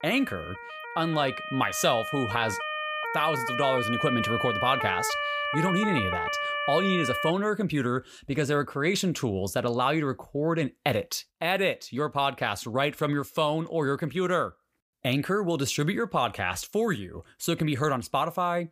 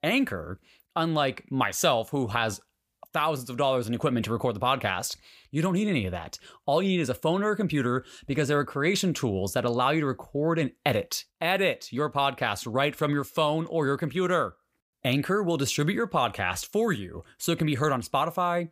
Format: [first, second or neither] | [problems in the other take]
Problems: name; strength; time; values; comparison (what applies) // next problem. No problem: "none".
second | siren; noticeable; until 7.5 s; peak level with the speech